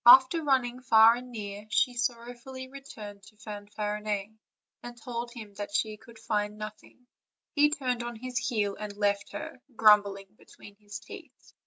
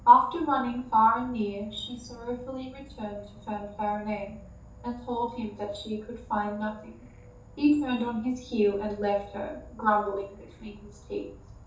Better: first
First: none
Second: background sound (Insect / Frog); 20 dB below the speech // room echo; dies away in 0.5 s

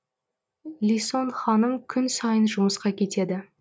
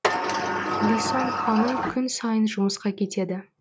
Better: first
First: none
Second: background sound (Sliding door); 1 dB below the speech

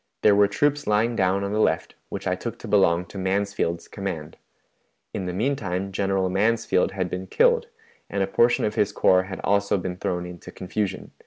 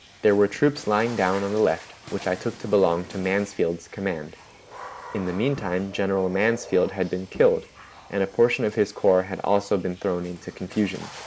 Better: first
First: none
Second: background sound (Bowed string instrument + Water / Splash, splatter); 19 dB below the speech

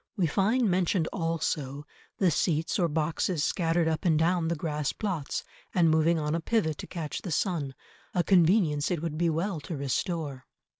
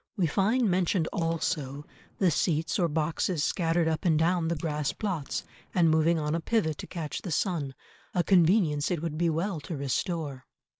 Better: first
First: none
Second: noise reduction (neural mask model Resemble Enhance denoiser)

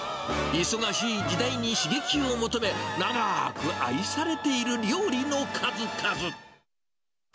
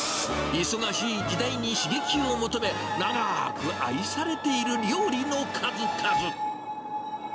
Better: first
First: none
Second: background sound (Screech); 5 dB below the speech

